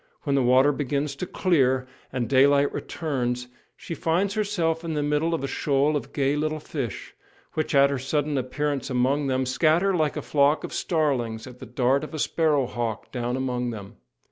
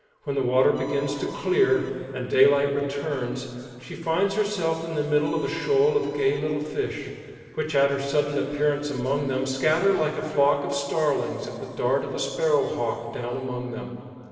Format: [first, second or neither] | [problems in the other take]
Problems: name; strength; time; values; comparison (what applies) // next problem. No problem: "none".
first | background sound (Bowed string instrument); 19 dB below the speech // room echo; dies away in 2.5 s